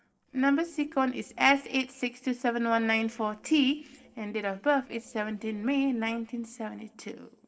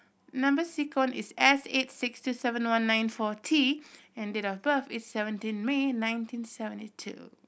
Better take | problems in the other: second | noise reduction (neural separator model SepFormer DNS4)

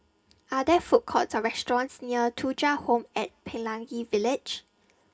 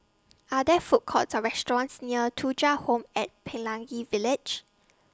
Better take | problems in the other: second | room echo; dies away in 0.3 s

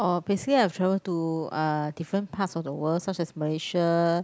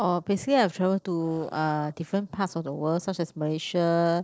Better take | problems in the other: first | noise reduction (neural separator model SepFormer DNS4)

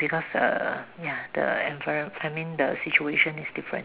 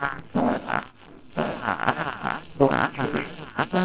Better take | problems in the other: first | noise reduction (neural separator model SepFormer WHAMR!)

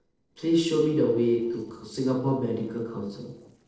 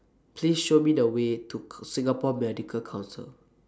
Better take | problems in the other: second | noise reduction (neural separator model SepFormer DNS4)

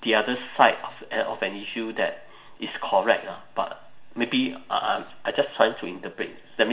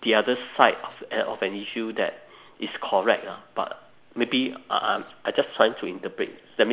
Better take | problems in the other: second | room echo; dies away in 0.3 s

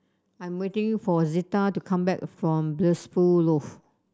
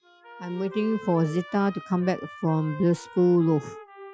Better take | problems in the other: first | noise reduction (classical method Wiener filter)

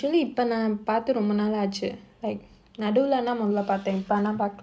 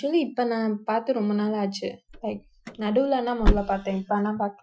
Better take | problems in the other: first | noise reduction (classical method Wiener filter)

